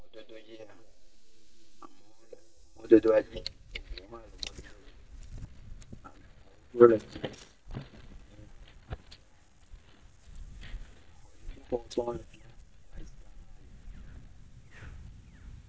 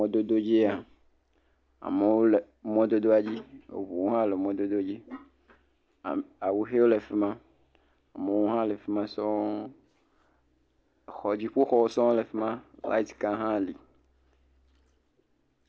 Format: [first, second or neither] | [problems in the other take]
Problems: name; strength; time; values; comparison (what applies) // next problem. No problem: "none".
second | noise reduction (neural mask model DeepFilterNet 3)